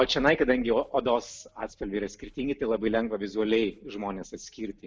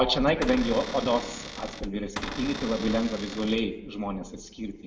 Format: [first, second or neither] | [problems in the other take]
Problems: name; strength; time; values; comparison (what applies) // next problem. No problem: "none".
first | background sound (Cupboard open or close / Door); 9 dB below the speech // room echo; dies away in 1 s